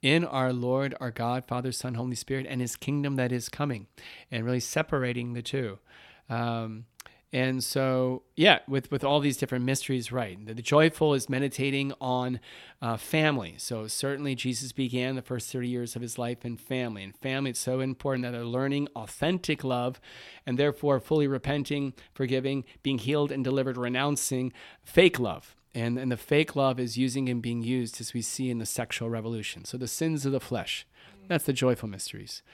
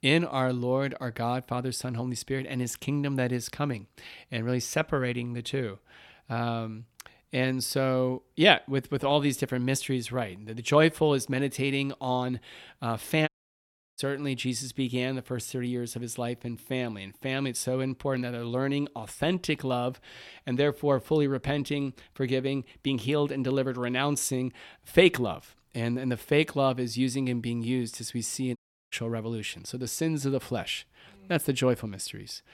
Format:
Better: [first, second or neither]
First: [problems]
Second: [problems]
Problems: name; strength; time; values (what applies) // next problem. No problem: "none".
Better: first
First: none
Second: audio cutting out; at 13 s for 0.5 s and at 29 s